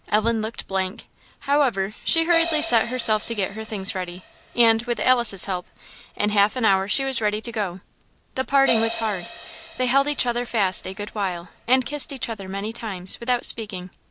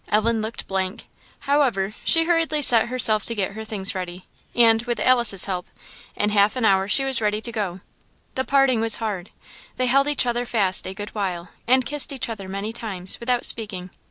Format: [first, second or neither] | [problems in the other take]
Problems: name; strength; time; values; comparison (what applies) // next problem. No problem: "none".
second | background sound (Crash cymbal); 13 dB below the speech